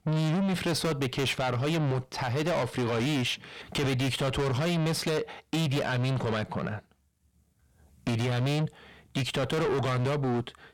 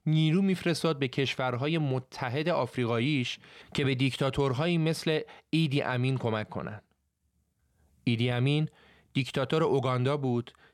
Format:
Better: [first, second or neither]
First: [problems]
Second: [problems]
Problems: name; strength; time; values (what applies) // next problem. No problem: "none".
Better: second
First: distortion; heavy; 6 dB below the speech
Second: none